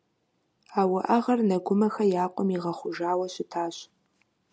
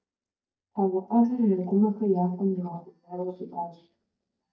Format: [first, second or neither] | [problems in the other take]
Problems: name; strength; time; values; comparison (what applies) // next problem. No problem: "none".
first | noise reduction (neural mask model DeepFilterNet 3)